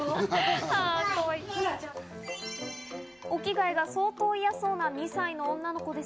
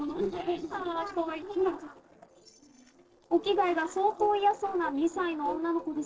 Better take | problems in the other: first | noise reduction (neural separator model SepFormer DNS4)

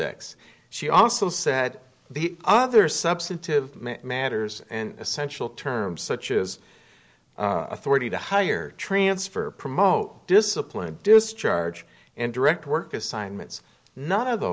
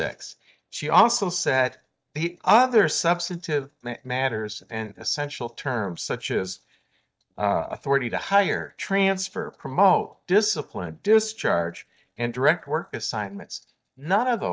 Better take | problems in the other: first | noise reduction (neural mask model DeepFilterNet 3)

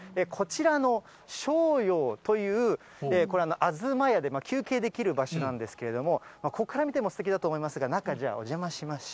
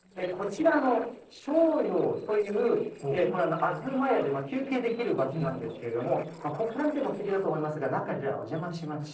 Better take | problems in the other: first | noise reduction (neural separator model SepFormer DNS4)

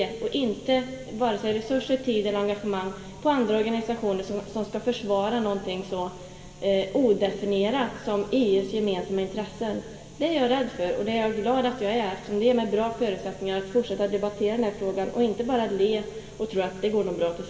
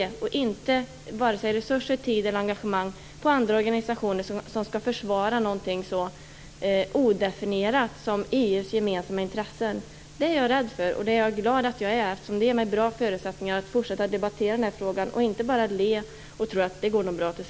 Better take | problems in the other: second | room echo; dies away in 1.7 s

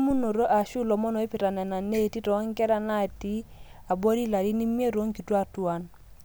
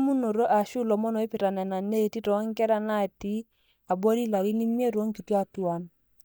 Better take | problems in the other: first | noise reduction (neural mask model DeepFilterNet 3)

